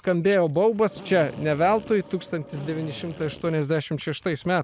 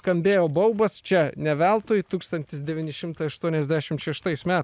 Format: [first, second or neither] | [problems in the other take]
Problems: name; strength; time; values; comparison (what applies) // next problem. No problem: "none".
second | background sound (Vehicle + Drill); 17 dB below the speech